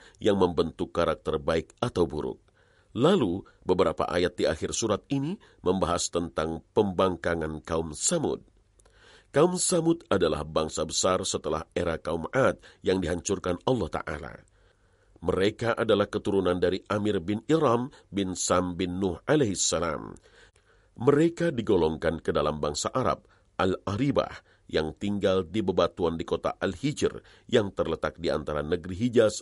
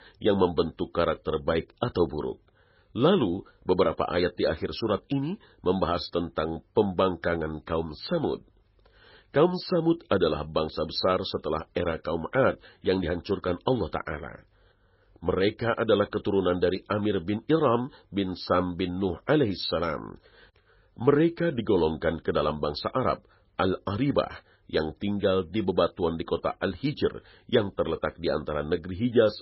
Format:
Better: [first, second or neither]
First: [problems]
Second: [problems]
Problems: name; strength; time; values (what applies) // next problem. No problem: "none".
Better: first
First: garbled, watery; slightly; nothing above 11 kHz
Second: garbled, watery; badly; nothing above 5.5 kHz